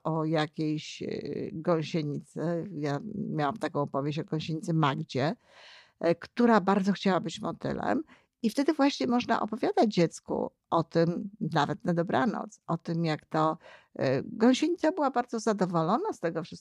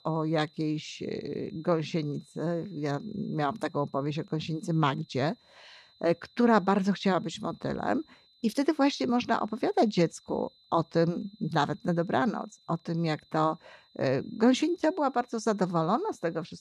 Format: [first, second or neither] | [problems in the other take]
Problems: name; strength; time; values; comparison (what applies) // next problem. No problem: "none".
first | high-pitched whine; faint; throughout; 4 kHz, 30 dB below the speech